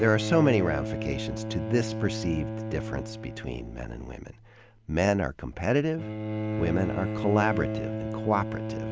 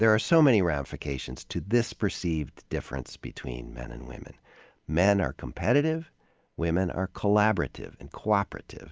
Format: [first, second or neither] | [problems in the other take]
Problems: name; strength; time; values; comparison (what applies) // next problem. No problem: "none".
second | background sound (Bowed string instrument); 4 dB below the speech